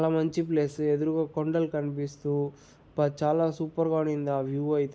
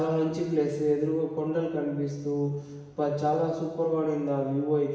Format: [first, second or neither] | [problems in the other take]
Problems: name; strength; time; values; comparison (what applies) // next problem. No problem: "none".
first | room echo; dies away in 1.1 s